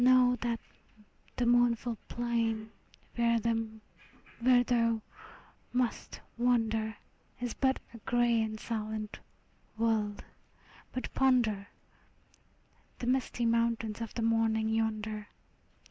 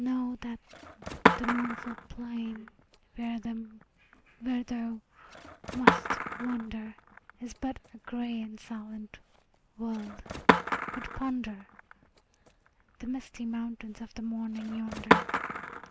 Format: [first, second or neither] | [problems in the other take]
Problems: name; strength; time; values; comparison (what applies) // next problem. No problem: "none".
first | background sound (Skateboard); 3 dB above the speech